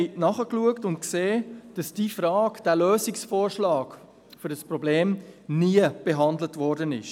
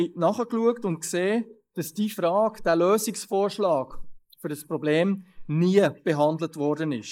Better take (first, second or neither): first